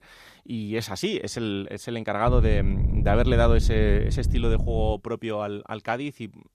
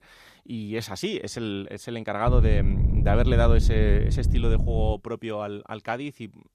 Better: first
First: wind noise on the microphone; occasional gusts; from 2.5 to 5 s; 10 dB below the speech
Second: wind noise on the microphone; heavy; from 2.5 to 5 s; 9 dB below the speech

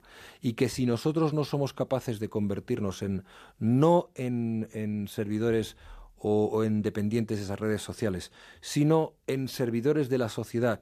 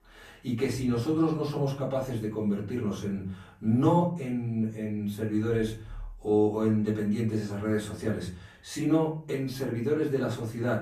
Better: first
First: none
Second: room echo; slight; dies away in 0.4 s // off-mic speech; far

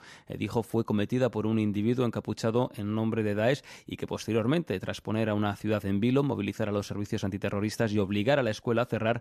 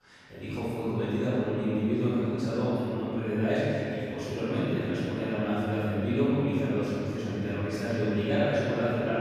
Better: first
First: none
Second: off-mic speech; far // room echo; strong; dies away in 2.7 s

